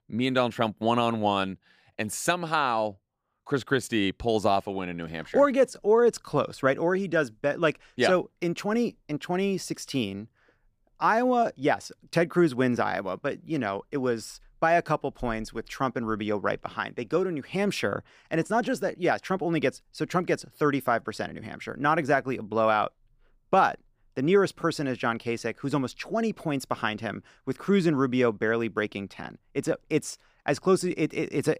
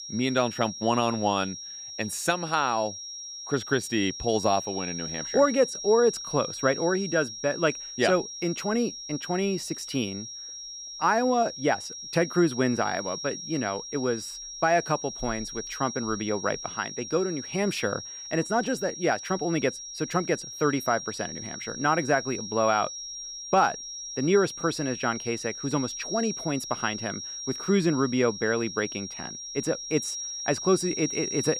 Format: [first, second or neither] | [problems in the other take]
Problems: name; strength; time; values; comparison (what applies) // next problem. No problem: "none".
first | high-pitched whine; loud; throughout; 5.5 kHz, 8 dB below the speech